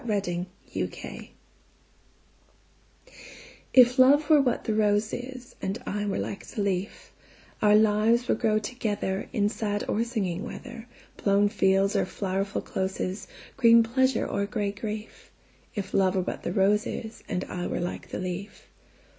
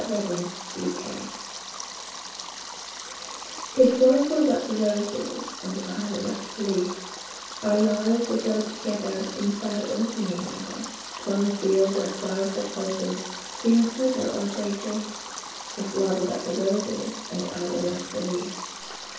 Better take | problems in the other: first | background sound (Stream); 10 dB below the speech // room echo; dies away in 0.7 s

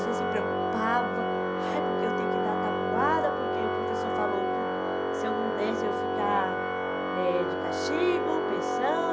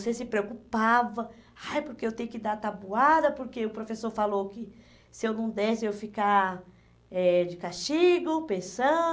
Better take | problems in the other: second | background sound (Organ); 4 dB above the speech

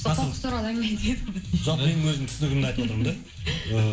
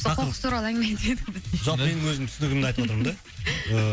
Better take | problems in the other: second | background sound (Hi-hat); 19 dB below the speech // room echo; dies away in 0.4 s

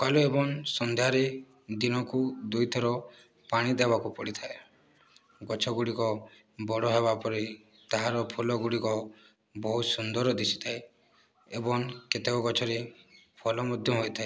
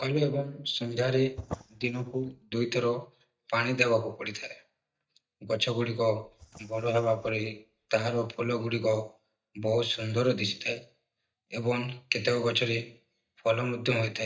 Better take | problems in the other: first | noise reduction (neural mask model DeepFilterNet 3)

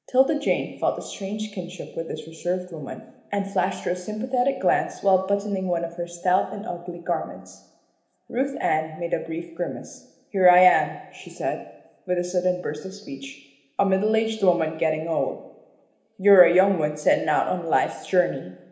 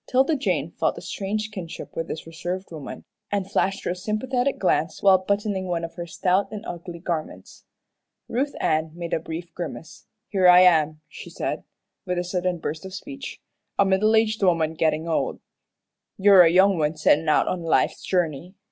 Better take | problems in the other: second | room echo; dies away in 1 s

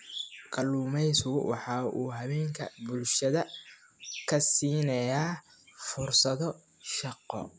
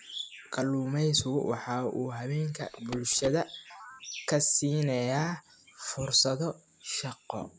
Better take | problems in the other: first | background sound (Telephone); 16 dB below the speech

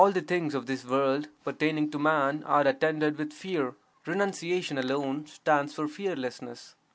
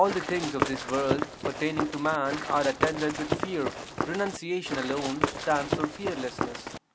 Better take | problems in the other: first | background sound (Run); 2 dB below the speech

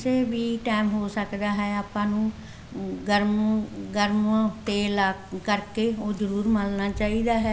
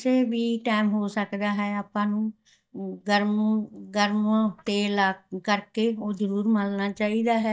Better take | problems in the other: first | noise reduction (neural mask model DeepFilterNet 3)

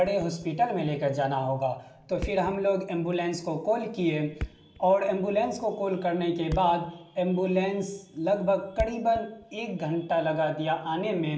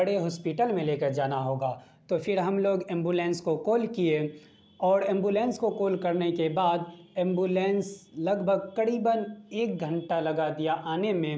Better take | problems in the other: second | background sound (Thump, thud); 17 dB below the speech // room echo; dies away in 0.6 s

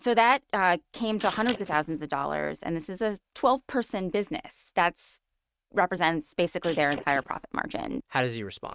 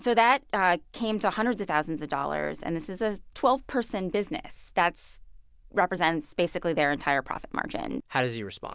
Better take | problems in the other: second | noise reduction (neural mask model RNNoise)

